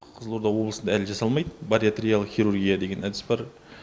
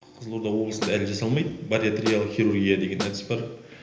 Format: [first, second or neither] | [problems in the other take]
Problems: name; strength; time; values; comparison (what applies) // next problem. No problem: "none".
first | background sound (Snare drum); 8 dB below the speech // room echo; dies away in 0.8 s